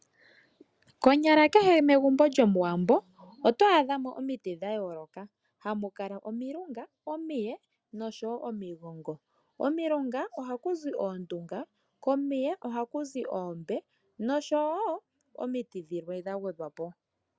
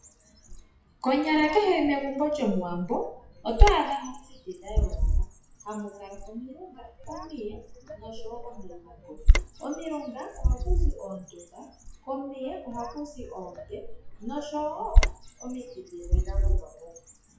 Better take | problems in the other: first | noise reduction (classical method WPE with log-MMSE)

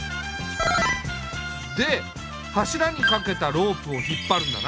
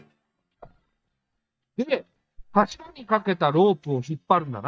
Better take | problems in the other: first | noise reduction (neural mask model DeepFilterNet 3)

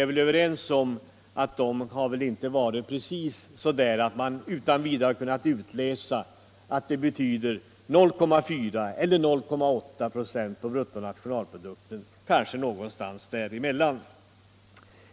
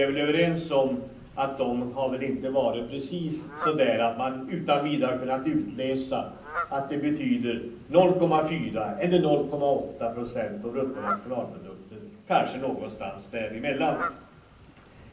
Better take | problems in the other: first | background sound (Fowl); 14 dB below the speech // room echo; dies away in 0.6 s

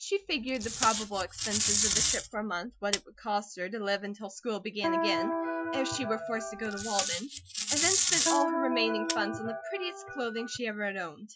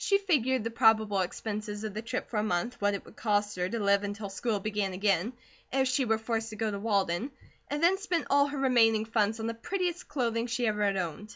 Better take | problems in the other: second | noise reduction (classical method Wiener filter)

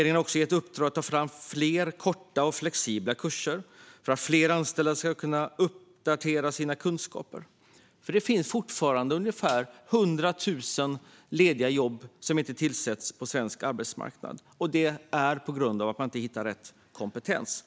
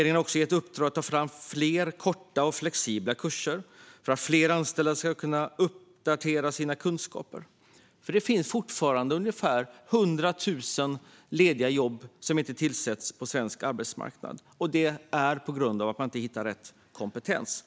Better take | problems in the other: second | background sound (Snare drum); 19 dB below the speech

